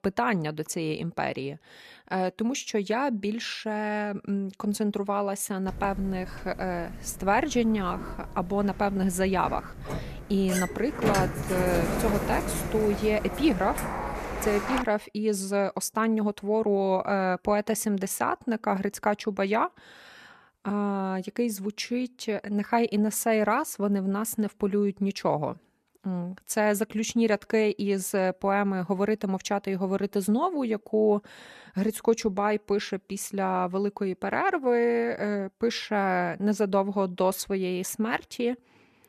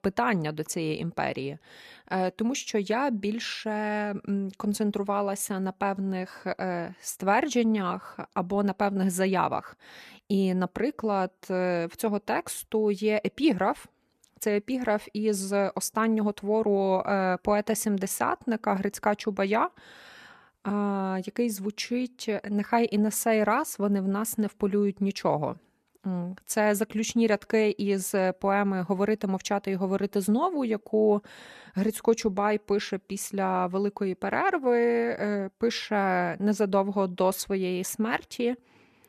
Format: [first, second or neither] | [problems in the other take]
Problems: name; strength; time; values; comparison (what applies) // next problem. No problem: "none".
second | door banging; loud; from 5.5 to 15 s; peak level with the speech